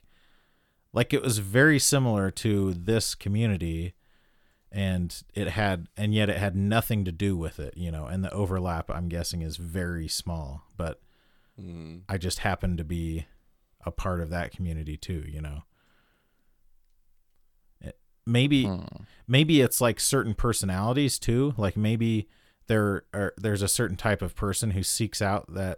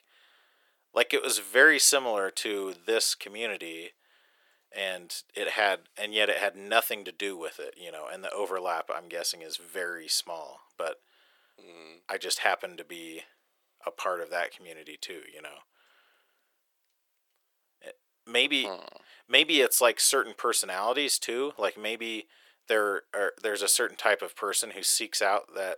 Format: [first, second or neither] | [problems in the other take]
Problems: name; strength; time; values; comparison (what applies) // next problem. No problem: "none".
first | thin; very; fading below 400 Hz